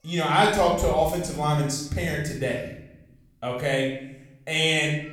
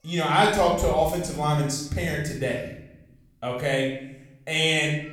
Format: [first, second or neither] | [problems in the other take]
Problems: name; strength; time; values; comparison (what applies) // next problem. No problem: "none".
neither | off-mic speech; far; the same in both // room echo; noticeable; dies away in 0.7 s; the same in both